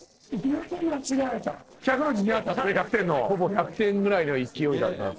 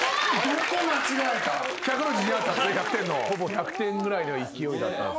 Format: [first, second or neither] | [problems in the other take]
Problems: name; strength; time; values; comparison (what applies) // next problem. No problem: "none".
second | noise reduction (neural separator model SepFormer DNS4)